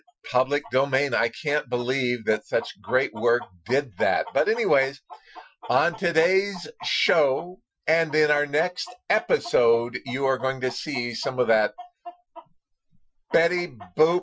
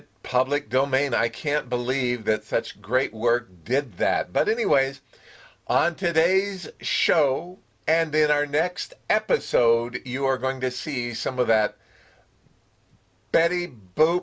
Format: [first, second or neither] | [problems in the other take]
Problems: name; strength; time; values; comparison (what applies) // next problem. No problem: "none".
second | noise reduction (classical method Wiener filter)